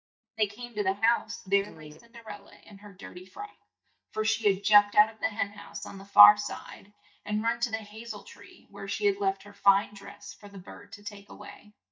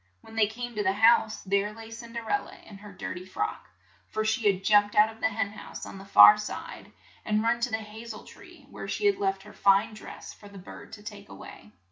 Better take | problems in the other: second | noise reduction (neural mask model DeepFilterNet 3)

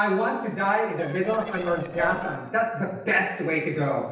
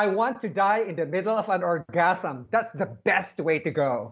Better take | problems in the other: second | noise reduction (neural separator model SepFormer DNS4)

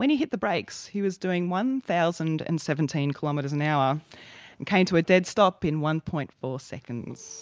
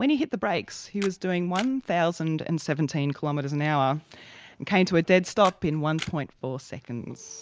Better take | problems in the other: first | background sound (Camera); 17 dB below the speech

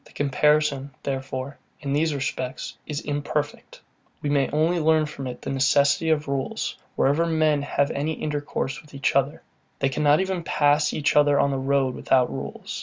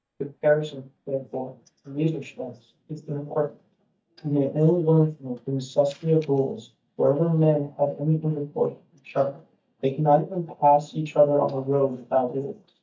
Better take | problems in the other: first | noise reduction (neural mask model DeepFilterNet 3)

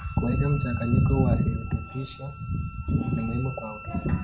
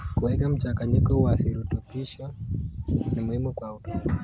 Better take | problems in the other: second | background sound (Wind instrument, woodwind instrument); 17 dB below the speech // room echo; dies away in 0.7 s

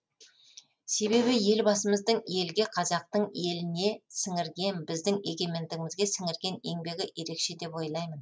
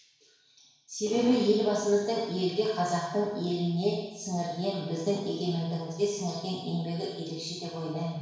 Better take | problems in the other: first | room echo; dies away in 1.1 s

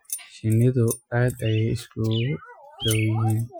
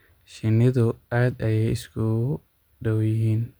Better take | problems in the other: second | noise reduction (classical method Wiener filter)

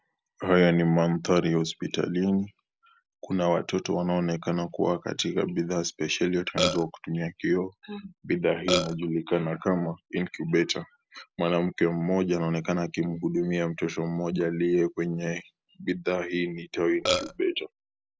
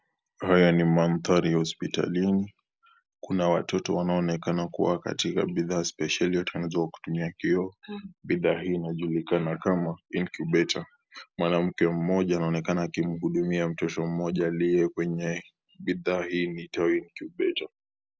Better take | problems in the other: second | background sound (Burping, eructation); as loud as the speech

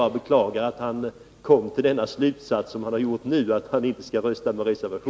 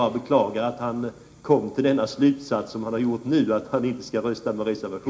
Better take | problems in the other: first | room echo; dies away in 0.4 s

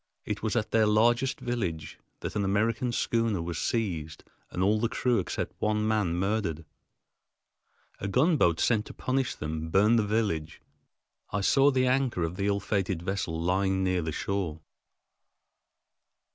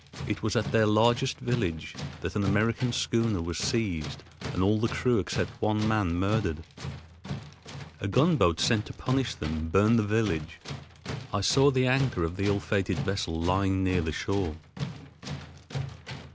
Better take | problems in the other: first | background sound (Tools); 10 dB below the speech

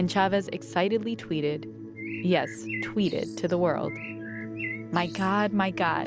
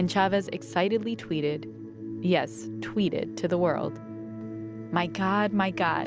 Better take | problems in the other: second | background sound (Bird); 13 dB below the speech

